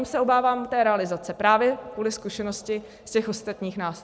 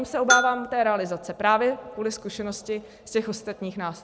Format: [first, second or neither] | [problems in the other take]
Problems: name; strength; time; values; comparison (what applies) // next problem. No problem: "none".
first | background sound (Bell); 3 dB below the speech